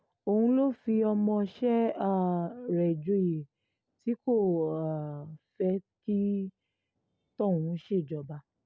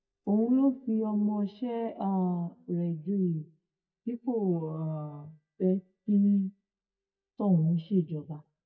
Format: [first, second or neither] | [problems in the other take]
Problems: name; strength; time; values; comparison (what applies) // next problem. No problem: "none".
first | noise reduction (neural mask model DeepFilterNet 3)